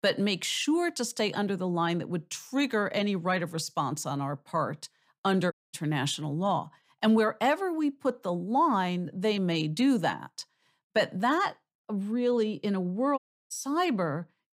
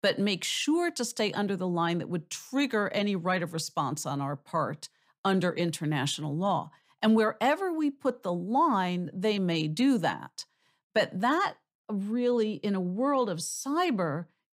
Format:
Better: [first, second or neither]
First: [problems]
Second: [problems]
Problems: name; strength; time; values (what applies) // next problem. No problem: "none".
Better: second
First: audio cutting out; at 5.5 s and at 13 s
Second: none